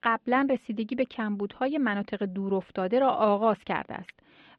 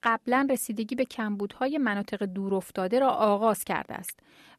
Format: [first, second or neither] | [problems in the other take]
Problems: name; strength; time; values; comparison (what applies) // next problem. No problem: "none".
second | muffled; slightly; fading above 3.5 kHz